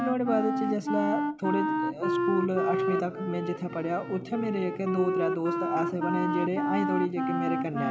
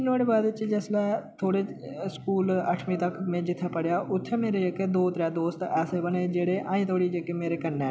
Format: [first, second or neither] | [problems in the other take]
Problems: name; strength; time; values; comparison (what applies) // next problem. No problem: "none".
second | background sound (Wind instrument, woodwind instrument); as loud as the speech